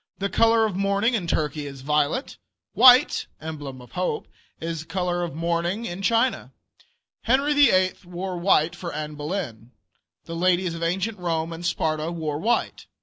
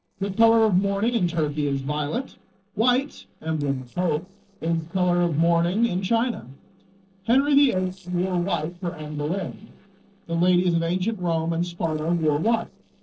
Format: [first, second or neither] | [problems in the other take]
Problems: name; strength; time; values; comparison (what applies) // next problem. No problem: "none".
first | noise reduction (neural separator model SepFormer DNS4)